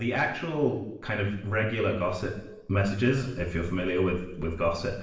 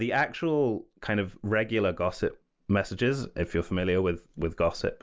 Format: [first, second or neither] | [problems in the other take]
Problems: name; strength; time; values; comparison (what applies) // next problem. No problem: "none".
second | room echo; dies away in 0.8 s